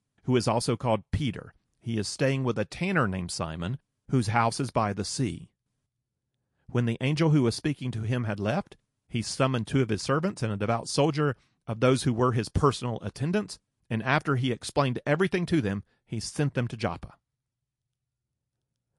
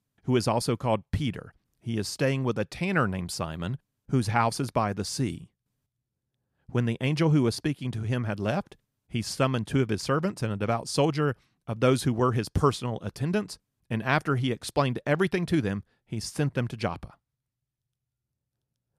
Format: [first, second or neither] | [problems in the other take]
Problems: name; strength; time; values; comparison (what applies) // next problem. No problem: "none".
second | garbled, watery; slightly; nothing above 11 kHz